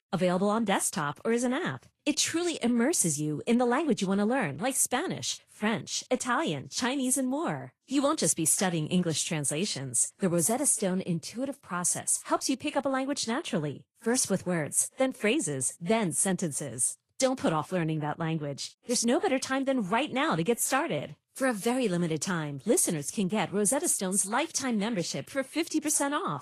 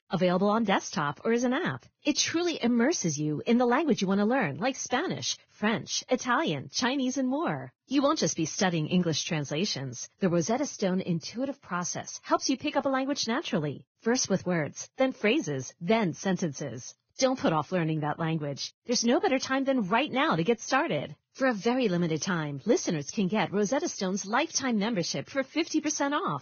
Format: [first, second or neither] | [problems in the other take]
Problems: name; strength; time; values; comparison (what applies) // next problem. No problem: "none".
first | garbled, watery; badly; nothing above 6.5 kHz; slightly in the first